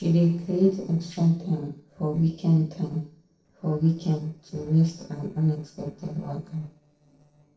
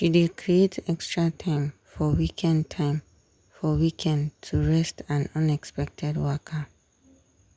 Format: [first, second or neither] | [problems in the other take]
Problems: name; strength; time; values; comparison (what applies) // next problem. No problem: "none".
second | noise reduction (neural separator model SepFormer DNS4)